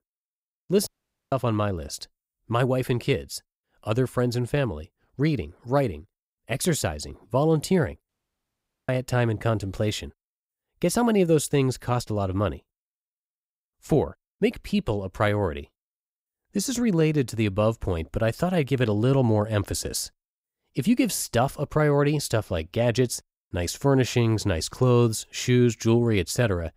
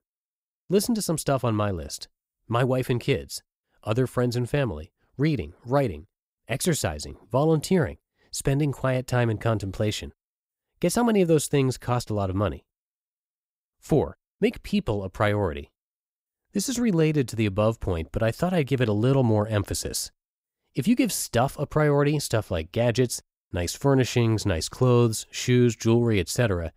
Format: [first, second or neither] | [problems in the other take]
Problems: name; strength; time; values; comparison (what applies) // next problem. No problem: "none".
second | audio cutting out; at 1 s and at 8 s for 1 s